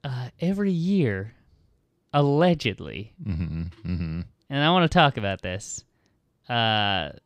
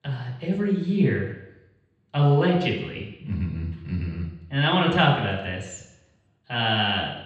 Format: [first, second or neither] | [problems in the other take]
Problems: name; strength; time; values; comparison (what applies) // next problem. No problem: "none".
first | room echo; noticeable; dies away in 0.9 s // off-mic speech; far